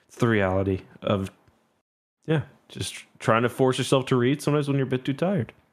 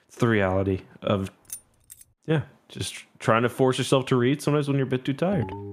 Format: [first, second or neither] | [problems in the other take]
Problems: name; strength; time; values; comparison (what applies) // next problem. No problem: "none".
first | jangling keys; faint; at 1.5 s; peak 15 dB below the speech // phone ringing; faint; at 5.5 s; peak 10 dB below the speech